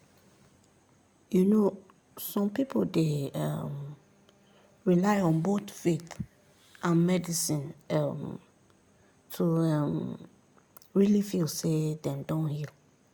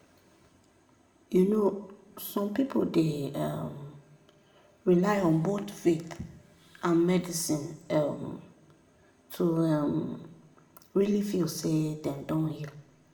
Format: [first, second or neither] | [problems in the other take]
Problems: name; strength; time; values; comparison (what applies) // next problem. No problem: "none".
first | room echo; dies away in 0.8 s